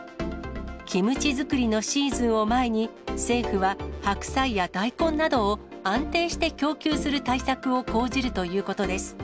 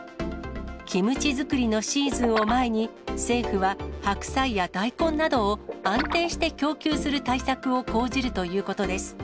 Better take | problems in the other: first | background sound (Guitar); 11 dB below the speech

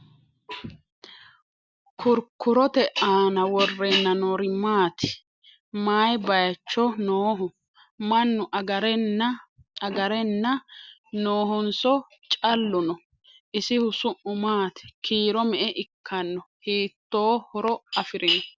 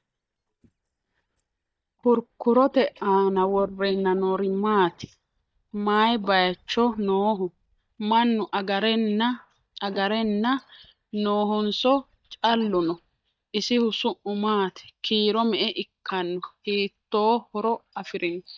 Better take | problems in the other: first | noise reduction (neural mask model DeepFilterNet 3)

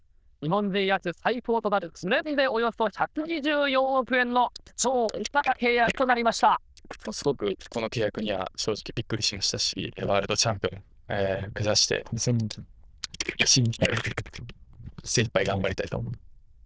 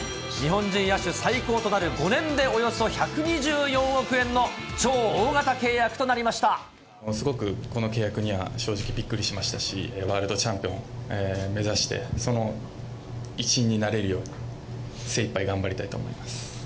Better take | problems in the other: second | noise reduction (neural diffusion model UNIVERSE++)

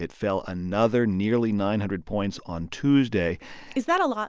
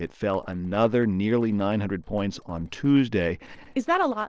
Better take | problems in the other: first | noise reduction (neural separator model SepFormer DNS4)

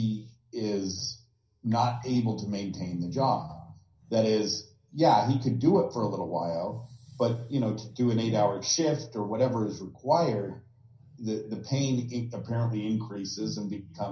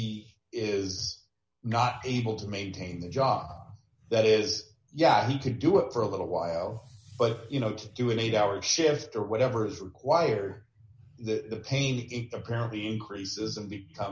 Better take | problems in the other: second | room echo; dies away in 0.3 s

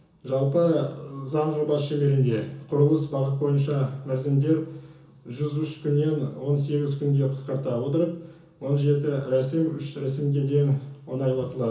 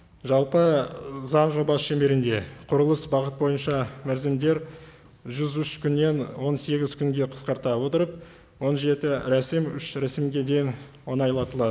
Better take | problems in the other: second | room echo; dies away in 0.7 s

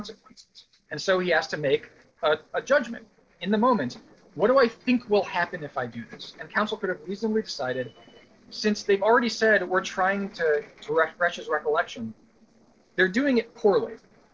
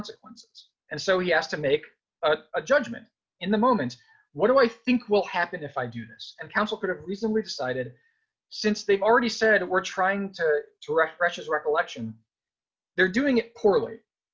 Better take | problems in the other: second | noise reduction (neural separator model SepFormer DNS4)

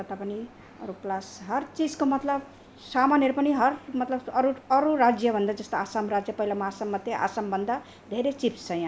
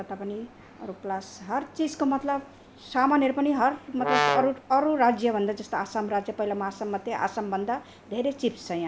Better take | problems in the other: first | background sound (Brass instrument); 1 dB above the speech

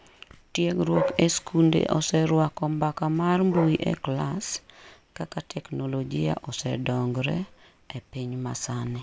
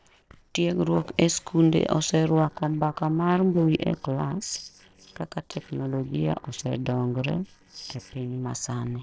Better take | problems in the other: first | noise reduction (neural separator model SepFormer DNS4)

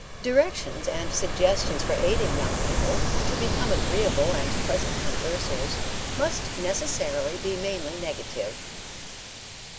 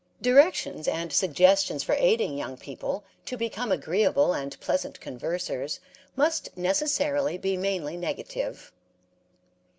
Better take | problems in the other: second | background sound (Ocean); 1 dB above the speech

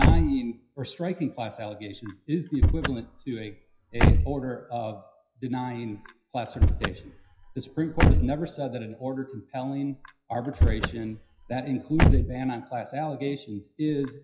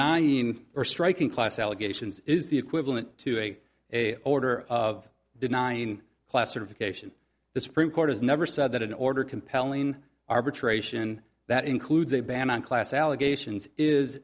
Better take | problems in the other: second | noise reduction (classical method WPE with log-MMSE)

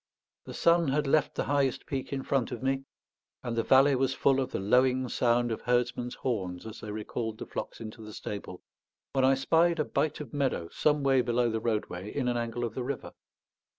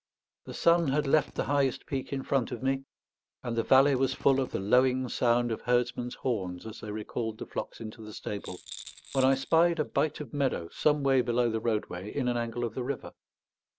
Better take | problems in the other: first | background sound (Drill + Rattle); 19 dB below the speech

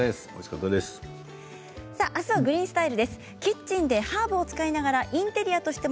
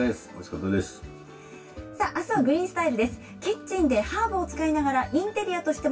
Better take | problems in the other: first | room echo; dies away in 0.1 s

